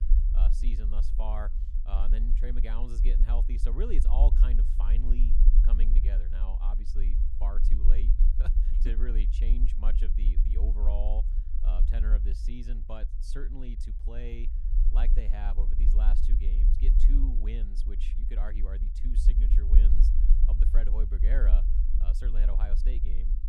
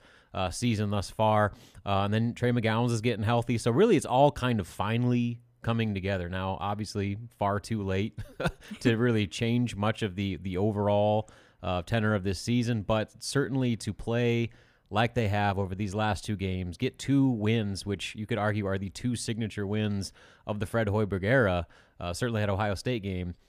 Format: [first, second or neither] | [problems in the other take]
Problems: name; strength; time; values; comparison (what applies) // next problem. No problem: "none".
second | low rumble; loud; throughout; 6 dB below the speech